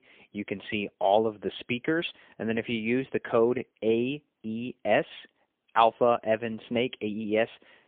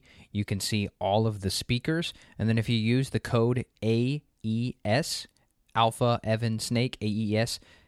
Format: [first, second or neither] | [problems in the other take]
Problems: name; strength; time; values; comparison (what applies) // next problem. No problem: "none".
second | phone-call audio; poor line; nothing above 3.5 kHz